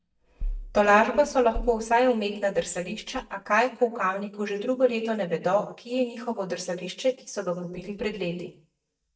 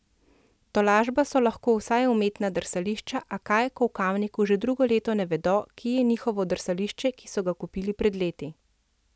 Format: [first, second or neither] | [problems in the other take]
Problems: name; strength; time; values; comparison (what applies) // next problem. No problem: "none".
second | noise reduction (neural mask model DeepFilterNet 3)